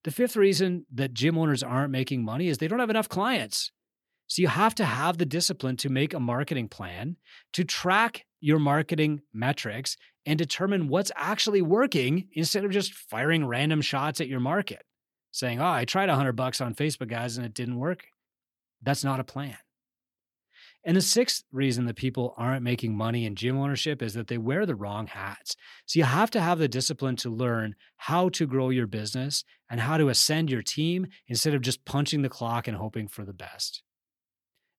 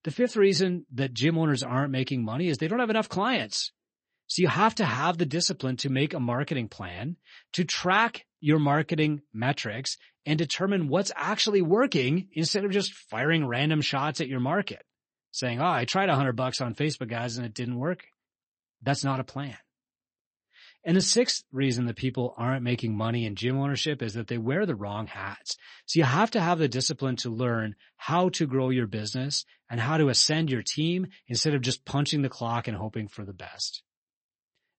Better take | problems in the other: first | garbled, watery; slightly; nothing above 8 kHz

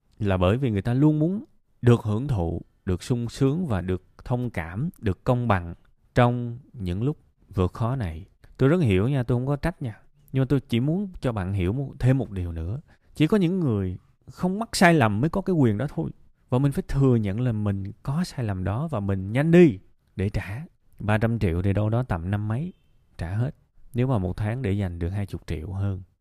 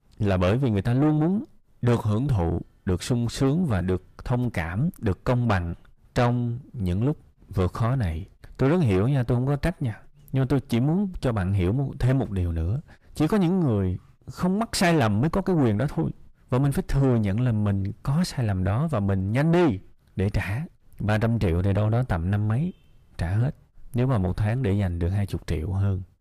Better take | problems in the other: first | distortion; heavy; 6 dB below the speech

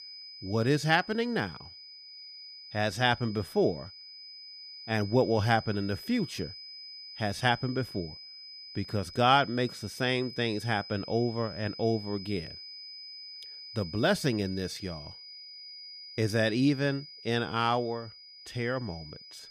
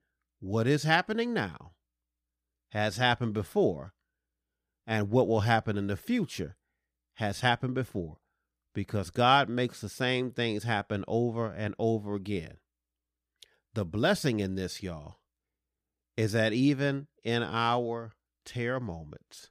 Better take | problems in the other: second | high-pitched whine; noticeable; throughout; 5 kHz, 15 dB below the speech

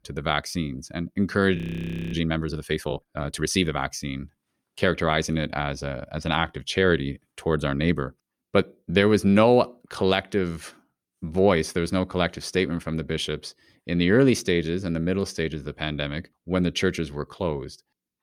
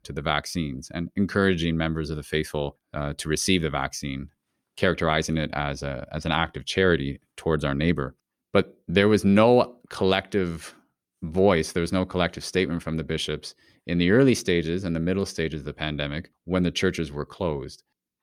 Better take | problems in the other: second | audio freezing; at 1.5 s for 0.5 s

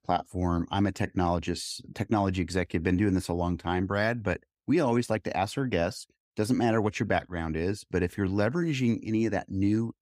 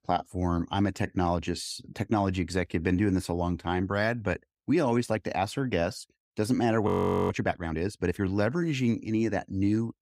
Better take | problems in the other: first | audio freezing; at 7 s

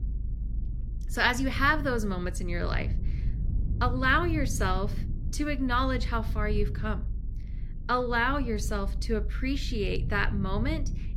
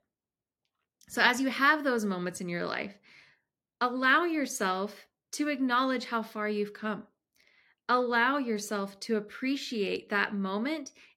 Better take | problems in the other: second | low rumble; faint; throughout; 20 dB below the speech

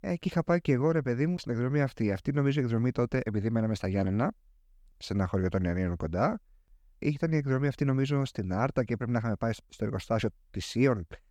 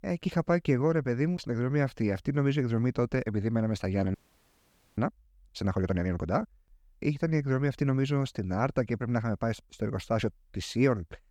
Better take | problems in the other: first | audio freezing; at 4 s for 1 s

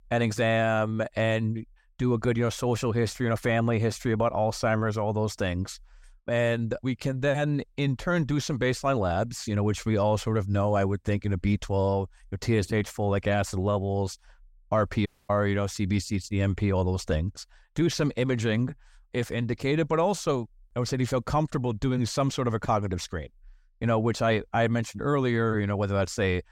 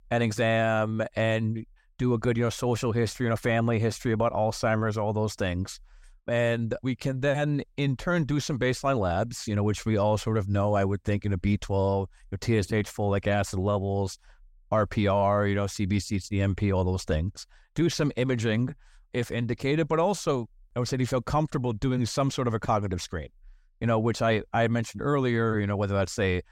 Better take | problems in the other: second | audio cutting out; at 15 s

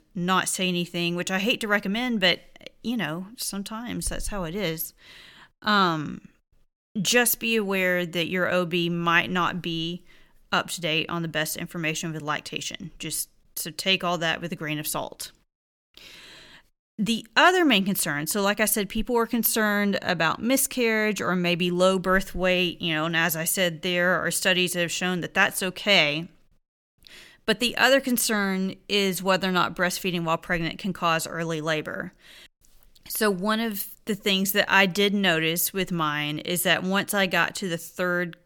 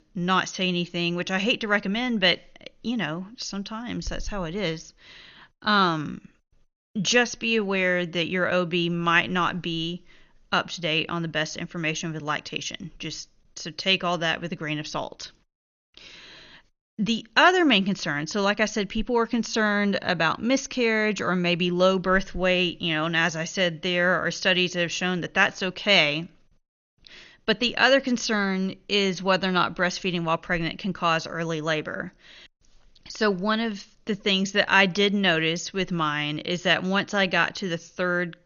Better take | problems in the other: first | garbled, watery; slightly; nothing above 6.5 kHz

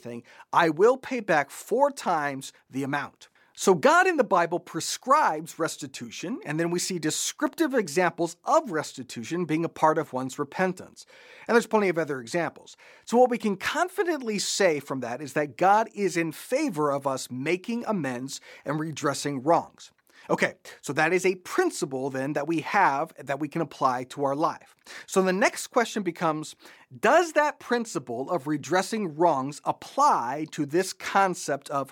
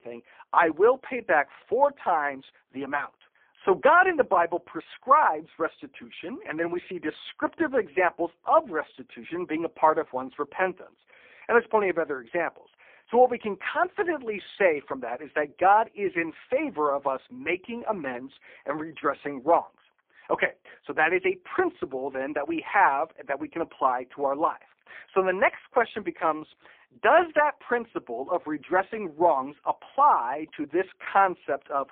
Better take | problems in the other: first | phone-call audio; poor line

